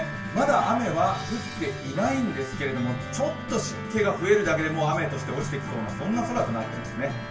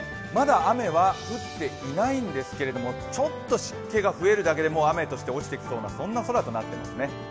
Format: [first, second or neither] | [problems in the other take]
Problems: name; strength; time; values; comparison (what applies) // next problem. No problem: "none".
second | background sound (Harmonica); 15 dB below the speech // room echo; dies away in 0.3 s